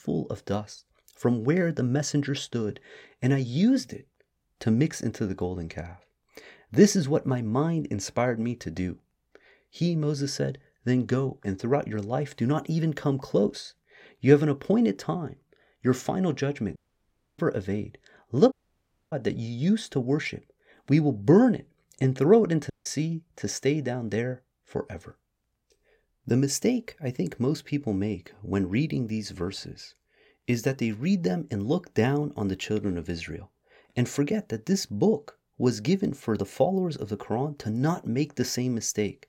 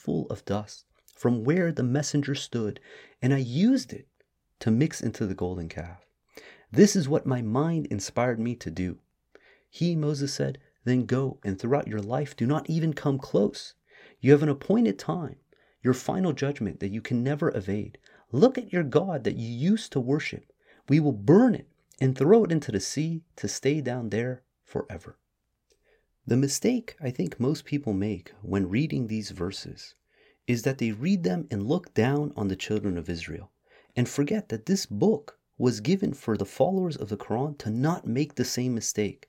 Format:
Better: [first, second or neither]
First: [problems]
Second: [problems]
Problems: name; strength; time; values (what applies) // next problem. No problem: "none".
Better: second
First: audio cutting out; at 17 s for 0.5 s, at 19 s for 0.5 s and at 23 s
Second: none